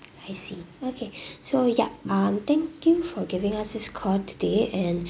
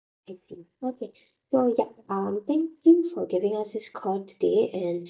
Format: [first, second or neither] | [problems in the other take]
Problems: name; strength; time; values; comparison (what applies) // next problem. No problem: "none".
first | noise reduction (neural mask model DeepFilterNet 3)